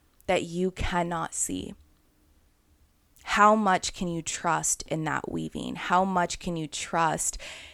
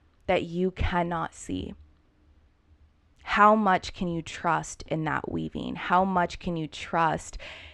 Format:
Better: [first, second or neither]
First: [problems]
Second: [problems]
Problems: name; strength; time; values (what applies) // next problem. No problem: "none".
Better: first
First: none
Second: muffled; slightly; fading above 3.5 kHz